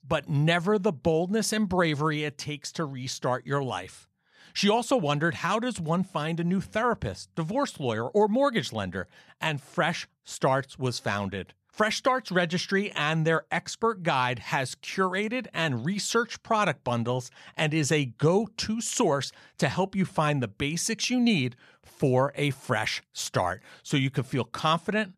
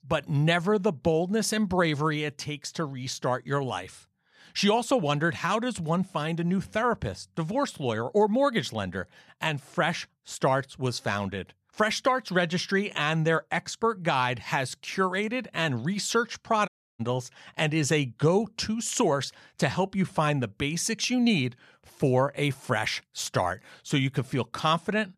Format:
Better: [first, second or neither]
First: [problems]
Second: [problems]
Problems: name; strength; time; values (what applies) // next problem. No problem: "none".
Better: first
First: none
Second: audio cutting out; at 17 s